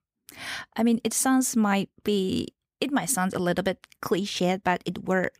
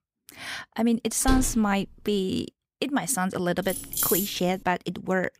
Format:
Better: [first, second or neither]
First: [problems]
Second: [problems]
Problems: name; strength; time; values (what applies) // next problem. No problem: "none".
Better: first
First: none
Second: door banging; noticeable; at 1.5 s; peak 4 dB below the speech // jangling keys; loud; at 3.5 s; peak 3 dB above the speech